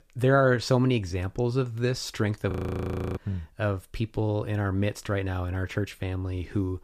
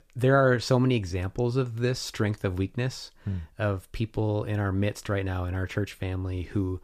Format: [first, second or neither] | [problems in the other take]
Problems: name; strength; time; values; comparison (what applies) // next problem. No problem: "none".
second | audio freezing; at 2.5 s for 0.5 s